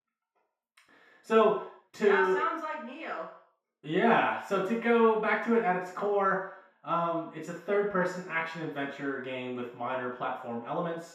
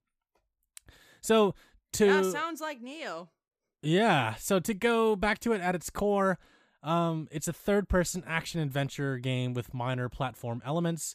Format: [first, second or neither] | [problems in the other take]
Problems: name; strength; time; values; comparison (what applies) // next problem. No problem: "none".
second | room echo; noticeable; dies away in 0.6 s // off-mic speech; far